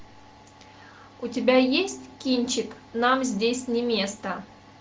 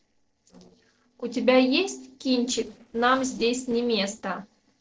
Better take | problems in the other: first | noise reduction (neural separator model SepFormer DNS4)

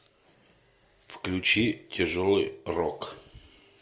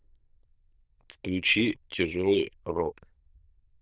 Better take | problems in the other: first | noise reduction (neural diffusion model UNIVERSE++)

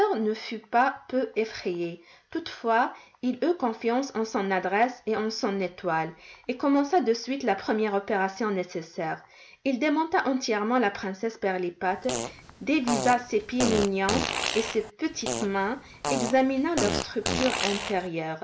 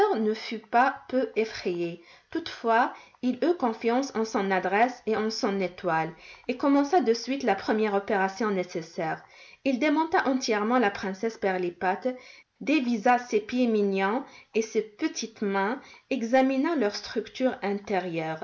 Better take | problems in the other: second | background sound (Fart); 4 dB below the speech

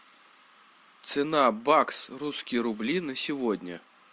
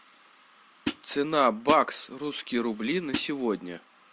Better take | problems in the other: first | background sound (Hi-hat); 5 dB below the speech

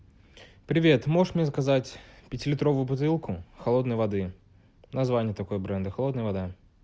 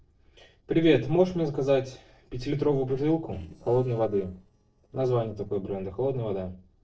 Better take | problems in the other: first | noise reduction (neural separator model SepFormer DNS4)

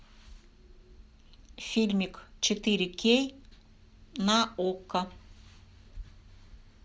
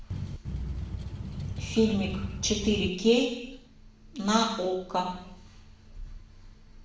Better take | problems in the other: first | background sound (Boat, Water vehicle); 5 dB below the speech // room echo; dies away in 0.8 s

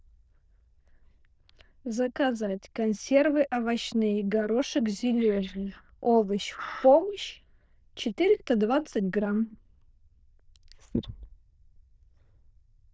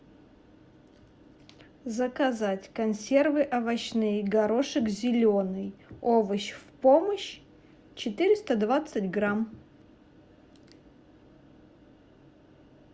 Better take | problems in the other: second | noise reduction (neural diffusion model UNIVERSE++)

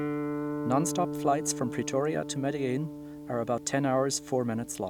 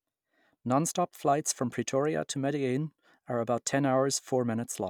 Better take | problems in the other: second | background sound (Guitar); 6 dB below the speech

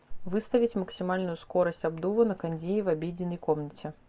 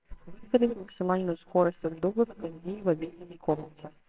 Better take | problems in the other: first | noise reduction (neural separator model SepFormer WHAMR!)

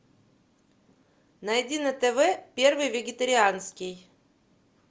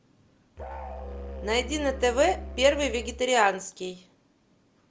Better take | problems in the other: first | background sound (Musical instrument); 11 dB below the speech

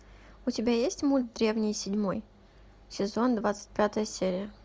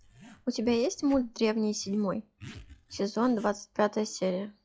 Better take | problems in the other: first | noise reduction (classical method log-MMSE)

